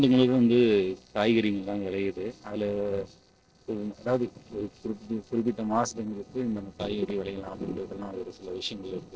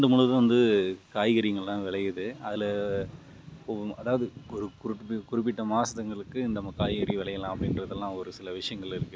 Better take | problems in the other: second | noise reduction (neural separator model SepFormer DNS4)

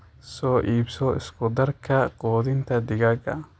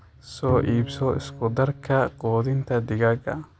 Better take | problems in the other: first | background sound (Bowed string instrument); 11 dB below the speech

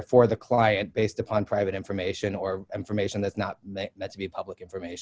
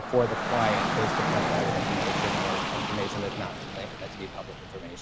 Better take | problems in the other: first | background sound (Rain / Dog); 3 dB above the speech

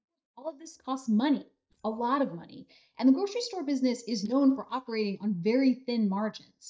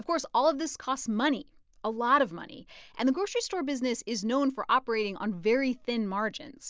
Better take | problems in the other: second | noise reduction (neural mask model DeepFilterNet 3)

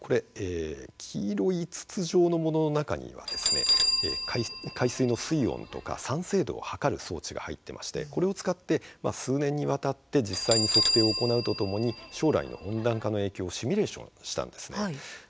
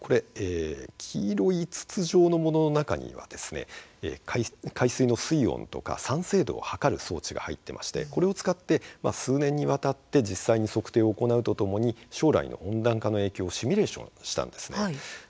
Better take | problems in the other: second | background sound (Bell); 5 dB below the speech

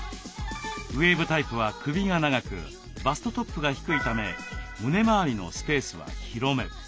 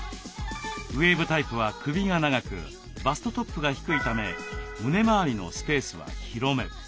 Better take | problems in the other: first | background sound (Wind instrument, woodwind instrument); 19 dB below the speech

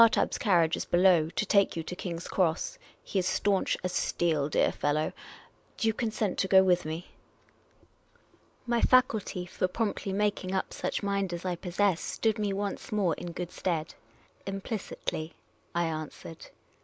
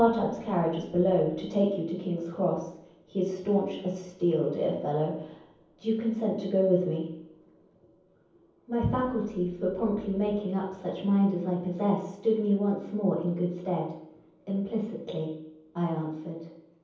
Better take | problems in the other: first | room echo; dies away in 0.9 s

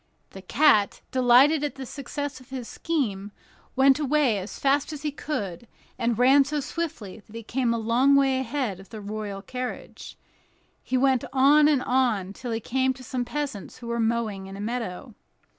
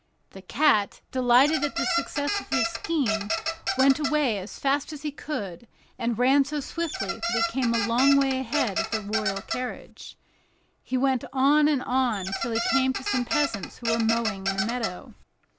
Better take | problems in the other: first | background sound (Squeak); 4 dB below the speech

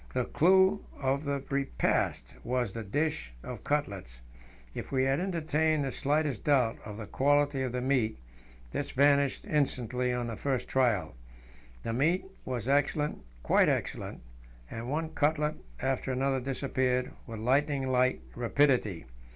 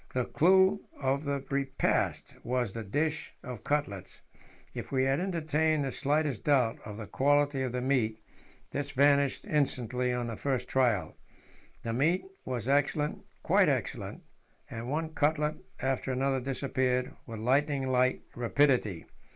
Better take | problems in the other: first | noise reduction (neural mask model Resemble Enhance denoiser)

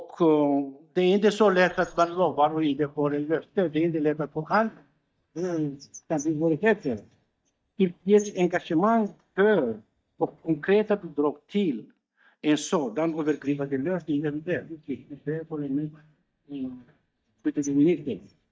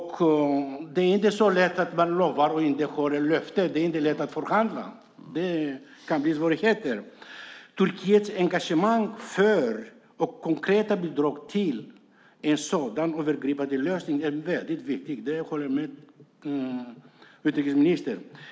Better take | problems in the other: second | noise reduction (neural mask model DeepFilterNet 3)

